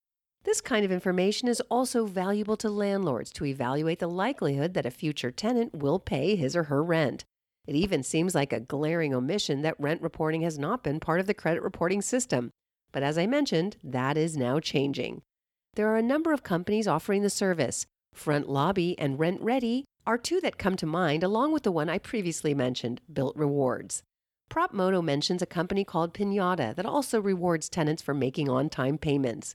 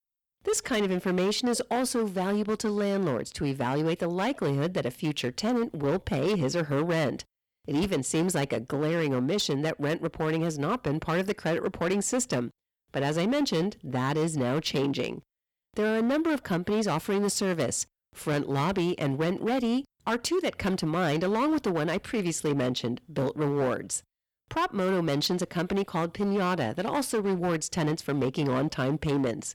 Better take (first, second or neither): first